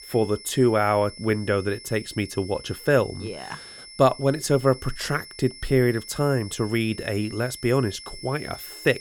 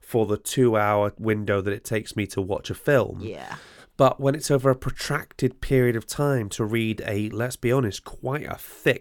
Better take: second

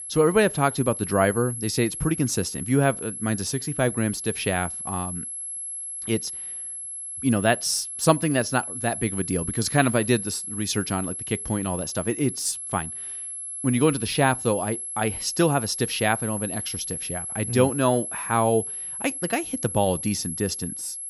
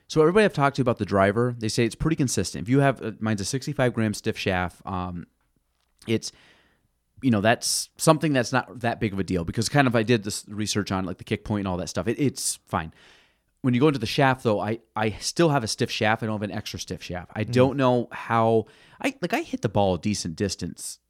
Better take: second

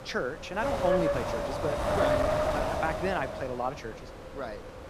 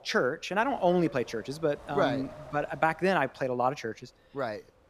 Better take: second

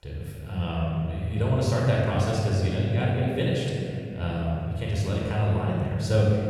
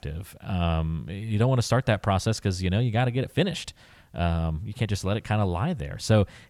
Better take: second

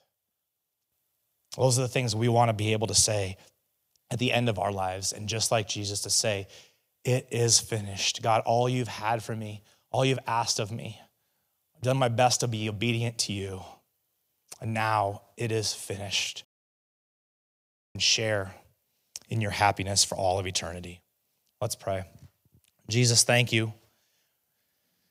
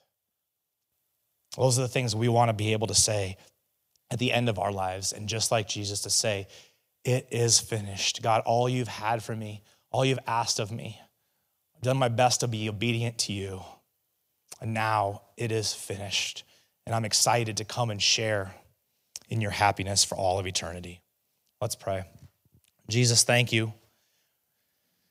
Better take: second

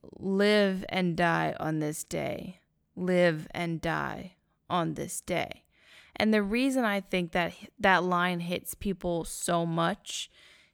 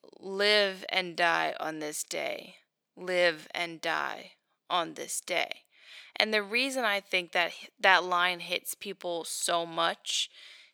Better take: first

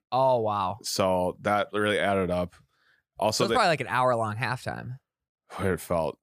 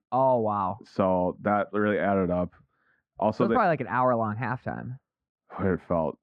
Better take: first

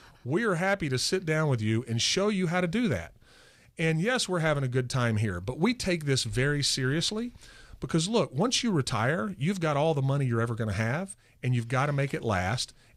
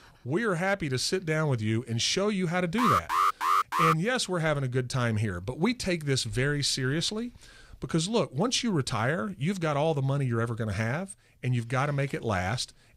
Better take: first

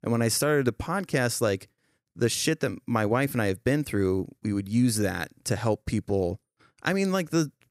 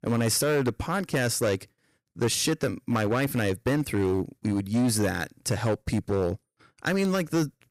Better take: first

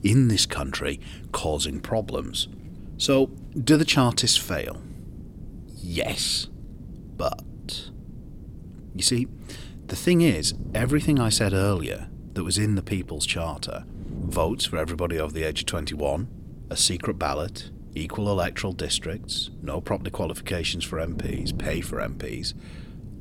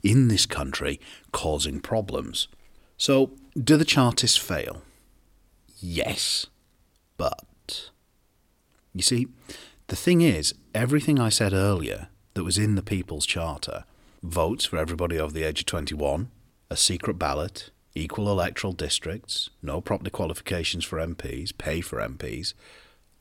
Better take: second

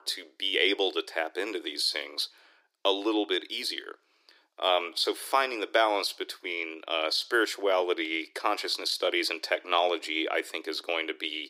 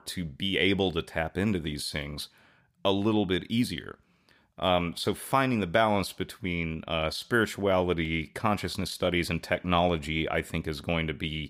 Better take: second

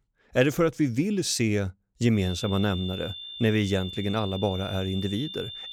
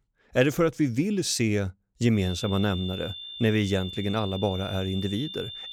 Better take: neither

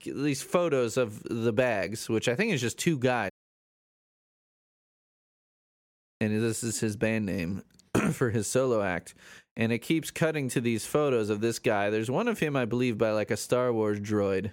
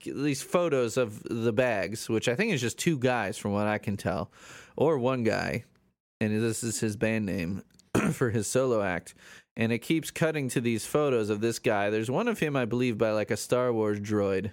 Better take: second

